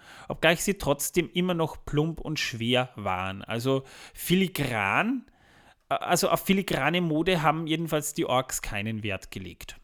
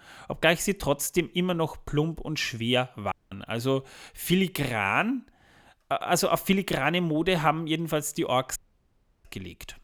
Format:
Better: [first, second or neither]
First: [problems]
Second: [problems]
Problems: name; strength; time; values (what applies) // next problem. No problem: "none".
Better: first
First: none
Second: audio cutting out; at 3 s and at 8.5 s for 0.5 s